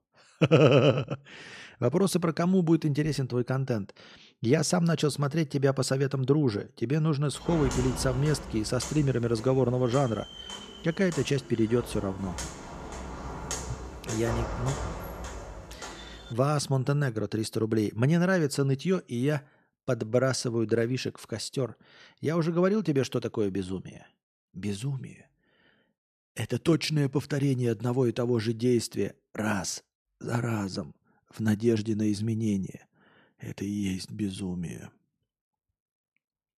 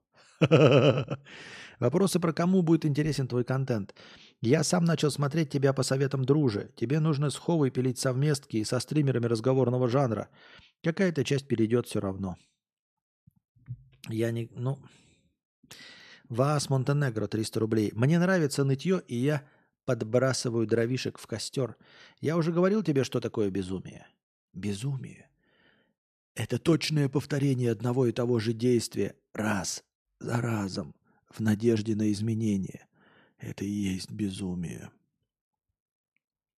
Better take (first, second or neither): second